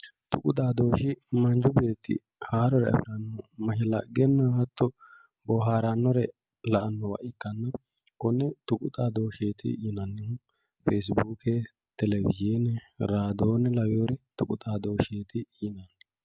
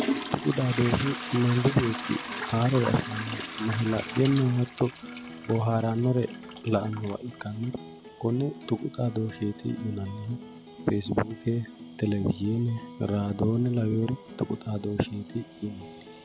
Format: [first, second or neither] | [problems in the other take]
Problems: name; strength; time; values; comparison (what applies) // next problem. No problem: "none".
first | background sound (Acoustic guitar + Trickle, dribble / Toilet flush / Hiss); 10 dB below the speech